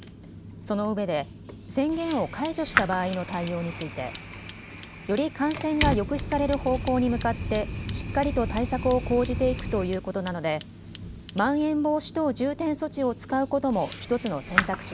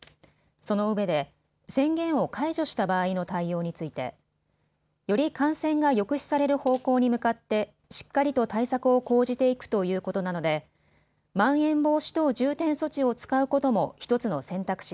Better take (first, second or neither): second